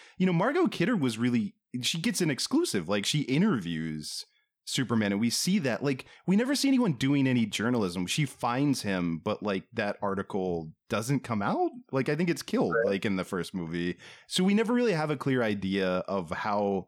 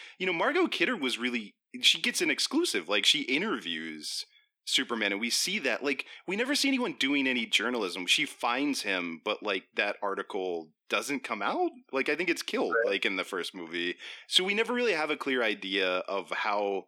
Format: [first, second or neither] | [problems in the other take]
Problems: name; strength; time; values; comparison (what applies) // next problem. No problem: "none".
first | thin; somewhat; fading below 300 Hz